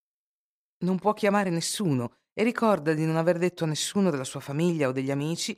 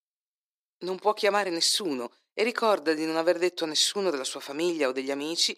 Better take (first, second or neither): first